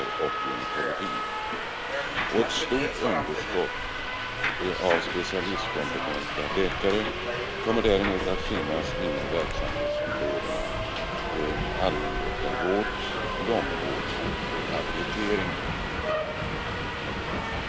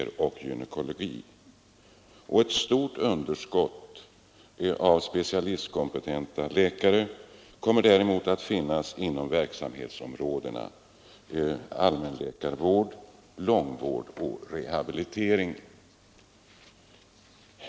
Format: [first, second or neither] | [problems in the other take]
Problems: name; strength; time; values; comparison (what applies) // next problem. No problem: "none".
second | background sound (Subway, metro, underground); 2 dB above the speech